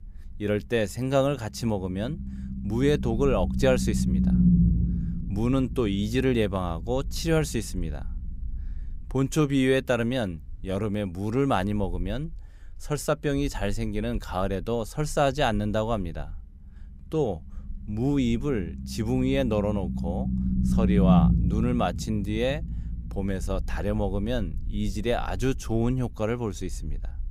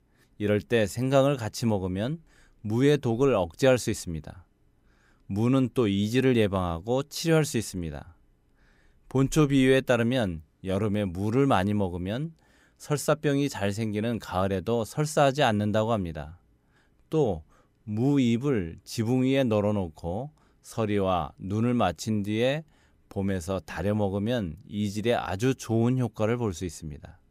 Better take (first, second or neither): second